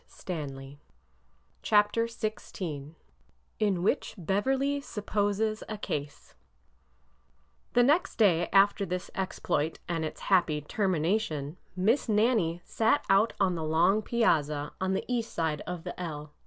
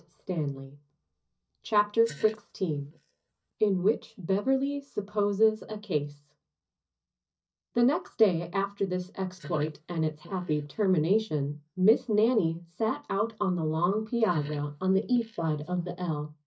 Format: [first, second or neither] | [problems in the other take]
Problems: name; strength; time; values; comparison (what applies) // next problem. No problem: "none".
first | noise reduction (neural mask model DeepFilterNet 3)